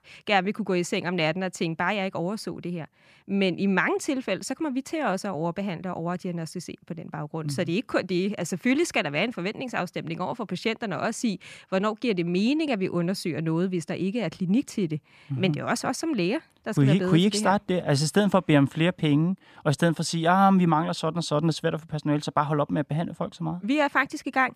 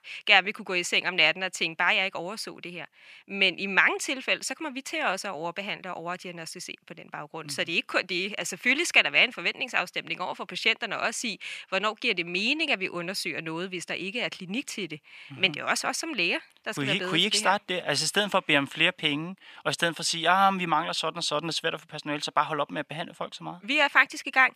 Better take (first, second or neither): first